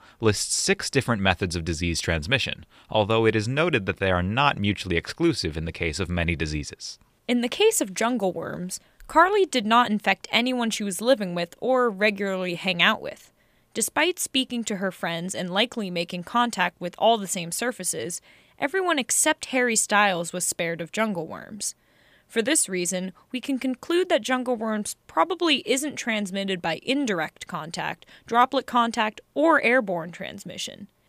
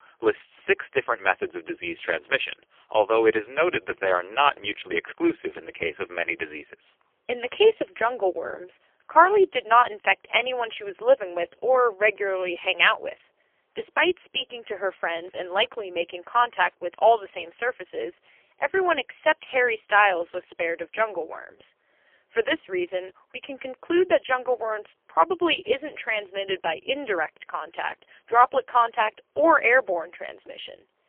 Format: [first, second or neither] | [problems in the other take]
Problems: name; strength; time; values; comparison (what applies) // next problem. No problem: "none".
first | phone-call audio; poor line; nothing above 3.5 kHz